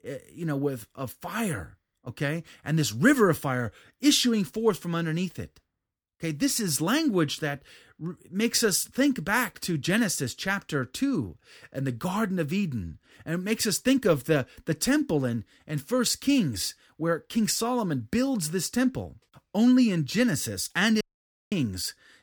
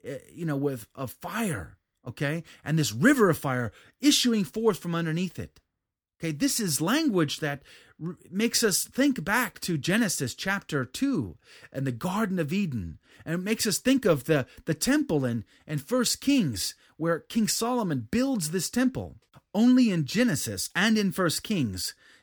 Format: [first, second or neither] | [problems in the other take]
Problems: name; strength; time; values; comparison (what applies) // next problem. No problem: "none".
second | audio cutting out; at 21 s for 0.5 s